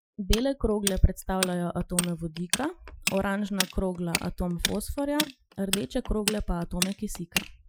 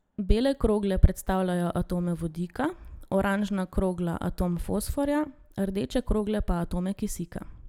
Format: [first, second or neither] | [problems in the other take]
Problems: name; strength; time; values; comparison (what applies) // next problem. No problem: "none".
second | noise reduction (classical method Wiener filter)